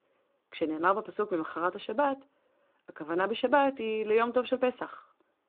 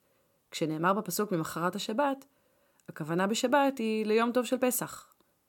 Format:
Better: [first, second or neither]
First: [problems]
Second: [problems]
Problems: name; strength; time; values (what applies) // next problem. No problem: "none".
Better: second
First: phone-call audio; nothing above 3.5 kHz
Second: none